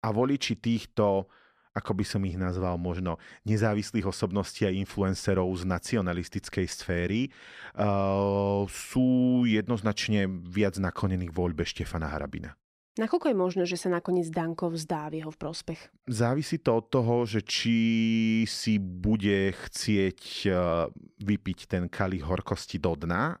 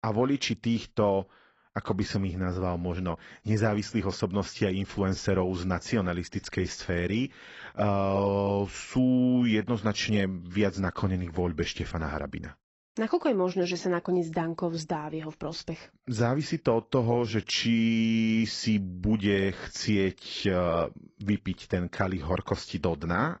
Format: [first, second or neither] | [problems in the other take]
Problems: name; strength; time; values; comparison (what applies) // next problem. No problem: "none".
first | garbled, watery; badly; nothing above 7.5 kHz